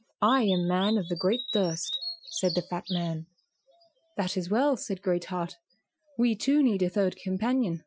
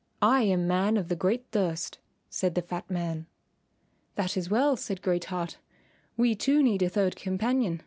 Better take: second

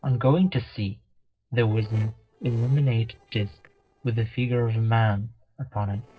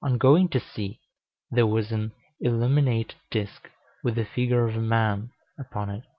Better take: second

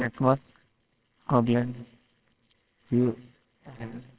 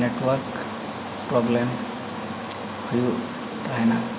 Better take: second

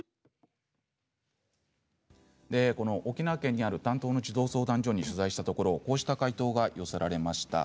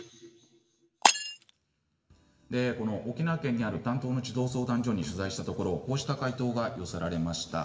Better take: first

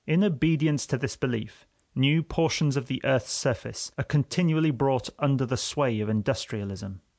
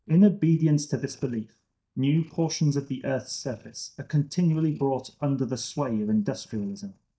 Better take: first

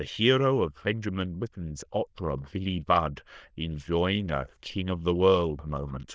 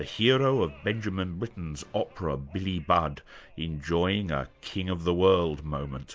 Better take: second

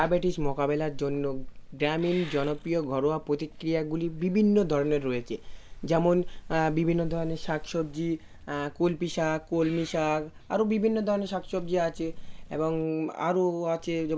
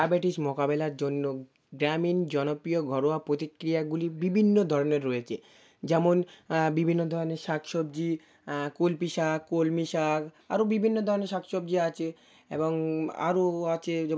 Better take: second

